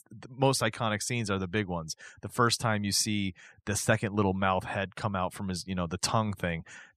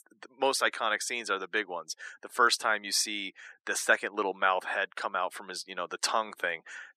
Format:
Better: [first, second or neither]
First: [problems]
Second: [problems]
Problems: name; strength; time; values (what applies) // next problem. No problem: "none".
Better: first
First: none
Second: thin; very; fading below 350 Hz